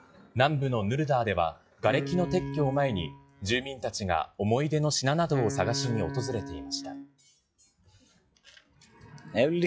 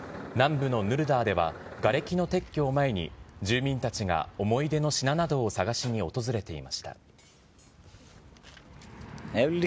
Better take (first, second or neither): second